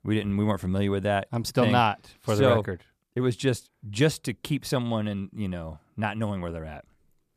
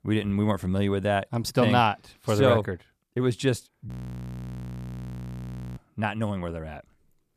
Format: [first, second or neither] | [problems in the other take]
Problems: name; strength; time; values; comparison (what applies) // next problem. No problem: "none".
first | audio freezing; at 4 s for 2 s